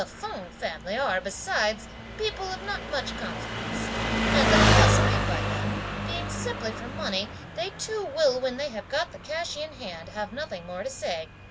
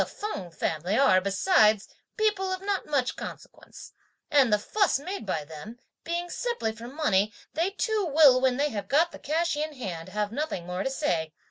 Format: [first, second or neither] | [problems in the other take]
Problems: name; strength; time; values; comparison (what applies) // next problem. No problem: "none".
second | background sound (Engine); 3 dB above the speech